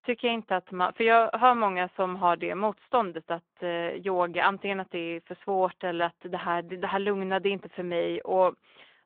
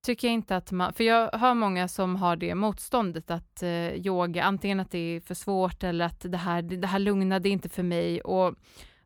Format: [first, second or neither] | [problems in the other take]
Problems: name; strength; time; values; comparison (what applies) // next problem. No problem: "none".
second | phone-call audio